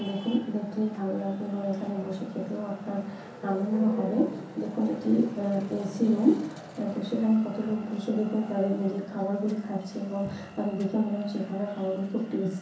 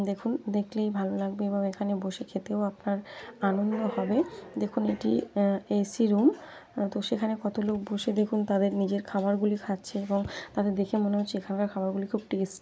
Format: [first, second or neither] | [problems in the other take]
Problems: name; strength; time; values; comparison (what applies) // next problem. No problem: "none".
second | background sound (Traffic noise, roadway noise); 17 dB below the speech // room echo; dies away in 0.6 s